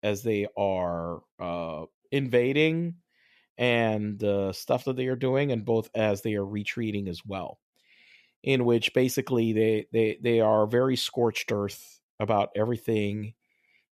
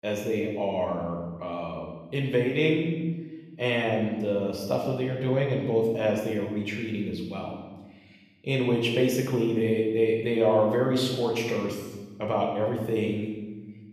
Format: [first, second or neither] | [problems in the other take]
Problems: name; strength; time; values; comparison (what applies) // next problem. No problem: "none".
first | room echo; noticeable; dies away in 1.1 s // off-mic speech; far